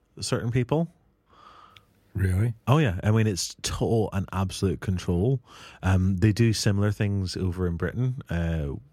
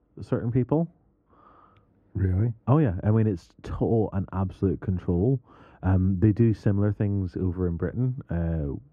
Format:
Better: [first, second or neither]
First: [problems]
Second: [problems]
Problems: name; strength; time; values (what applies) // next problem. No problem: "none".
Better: first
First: none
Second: muffled; very; fading above 2.5 kHz